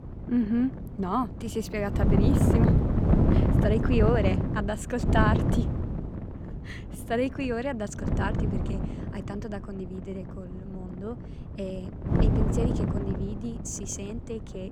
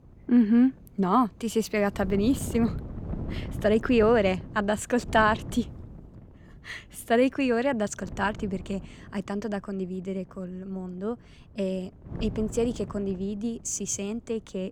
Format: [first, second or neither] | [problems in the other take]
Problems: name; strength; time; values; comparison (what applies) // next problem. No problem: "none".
second | wind noise on the microphone; heavy; 1 dB below the speech; occasional gusts in the second